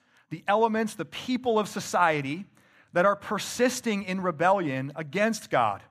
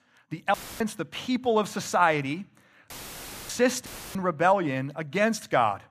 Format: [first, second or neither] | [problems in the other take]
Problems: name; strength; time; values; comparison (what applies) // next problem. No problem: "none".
first | audio cutting out; filled with static; at 0.5 s, at 3 s for 0.5 s and at 4 s